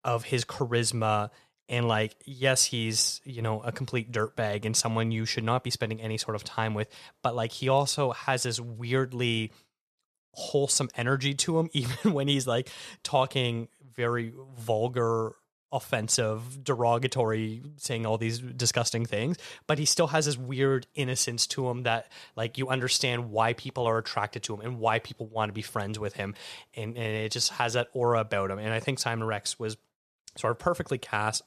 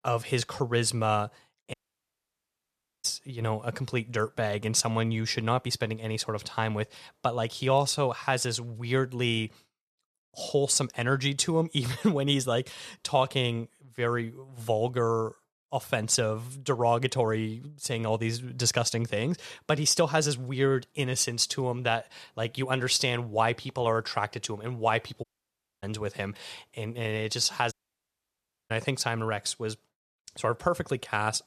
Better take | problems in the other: first | audio cutting out; at 1.5 s for 1.5 s, at 25 s for 0.5 s and at 28 s for 1 s

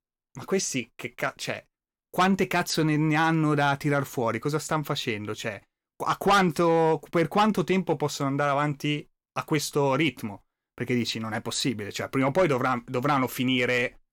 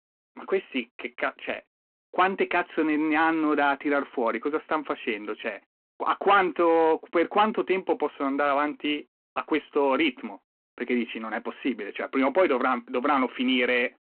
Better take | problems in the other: first | phone-call audio

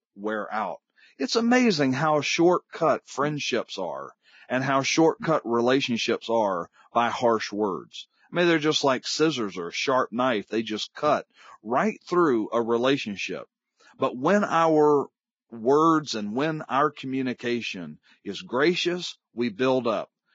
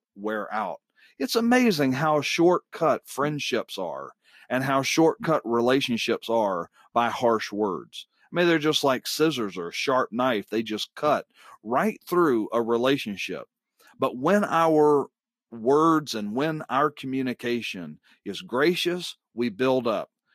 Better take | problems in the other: second | garbled, watery; badly; nothing above 6.5 kHz; slightly in the second

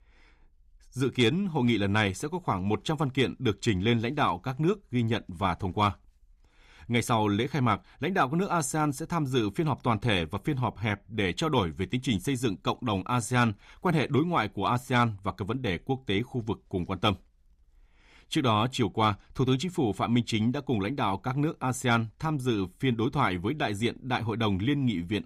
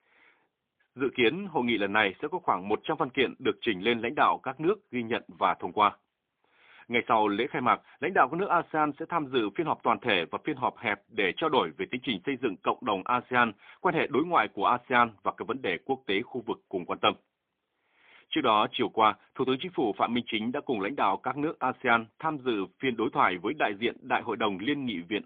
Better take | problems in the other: first | phone-call audio; poor line; nothing above 3.5 kHz

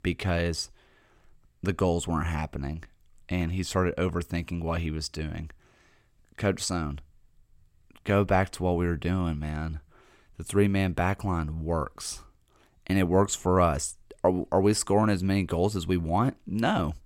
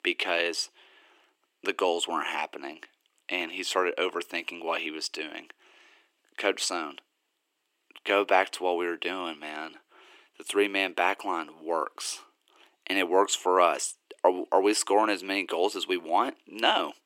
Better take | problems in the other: first | thin; very; fading below 300 Hz

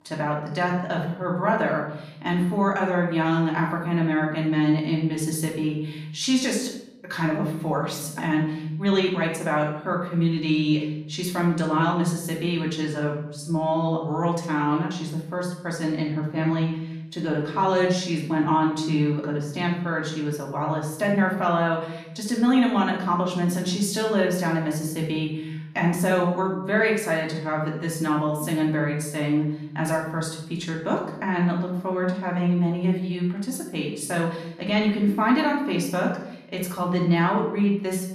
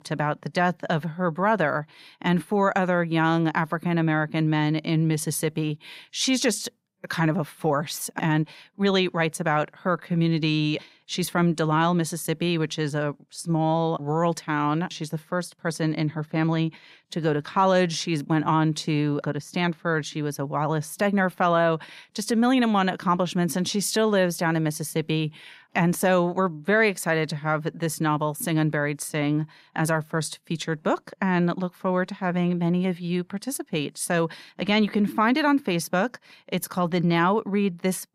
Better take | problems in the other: second | off-mic speech; far // room echo; noticeable; dies away in 0.8 s

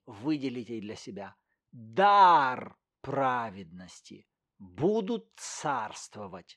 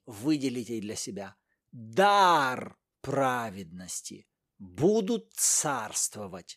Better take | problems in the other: second | muffled; very; fading above 3 kHz

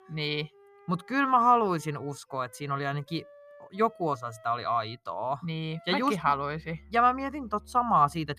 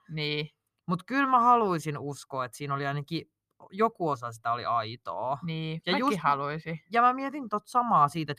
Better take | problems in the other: second | background music; faint; throughout; 25 dB below the speech

